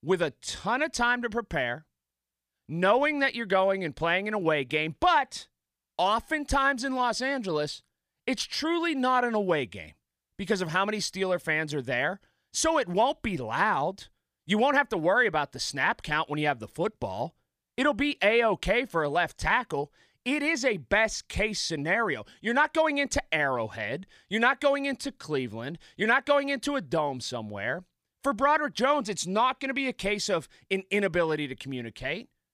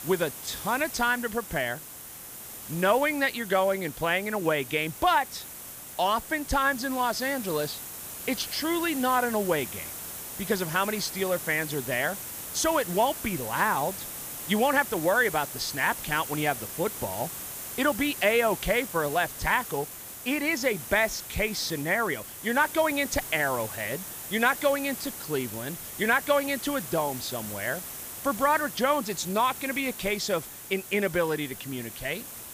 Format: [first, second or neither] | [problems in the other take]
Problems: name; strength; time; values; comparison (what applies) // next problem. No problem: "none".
first | hiss; loud; throughout; 9 dB below the speech